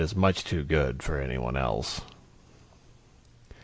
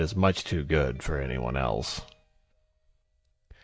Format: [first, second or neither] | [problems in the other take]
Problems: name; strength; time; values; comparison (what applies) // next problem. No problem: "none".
first | noise reduction (neural mask model DeepFilterNet 3)